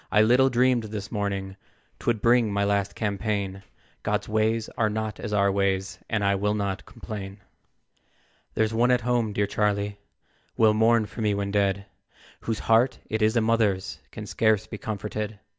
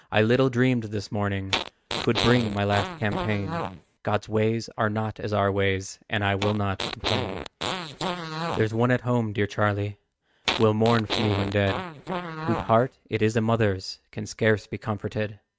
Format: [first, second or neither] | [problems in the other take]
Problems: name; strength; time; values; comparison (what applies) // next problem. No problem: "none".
first | noise reduction (neural mask model RNNoise)